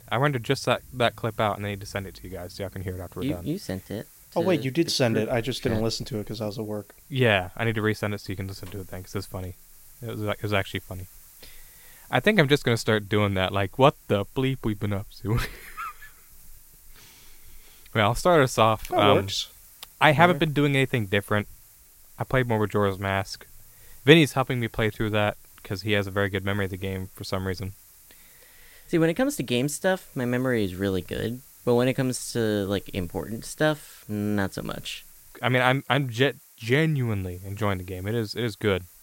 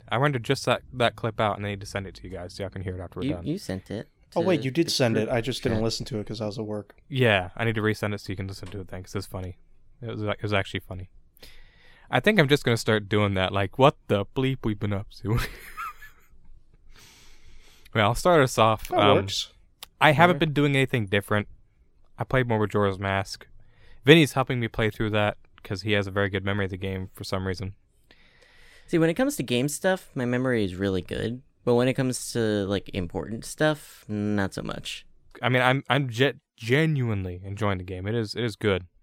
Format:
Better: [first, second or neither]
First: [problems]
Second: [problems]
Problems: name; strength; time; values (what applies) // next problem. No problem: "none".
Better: second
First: hiss; faint; throughout; 25 dB below the speech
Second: none